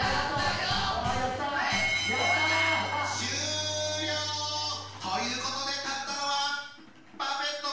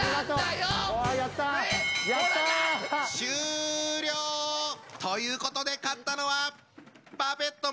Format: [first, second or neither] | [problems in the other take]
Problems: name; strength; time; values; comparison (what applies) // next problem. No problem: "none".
second | background sound (Bowed string instrument); 17 dB below the speech // room echo; dies away in 0.7 s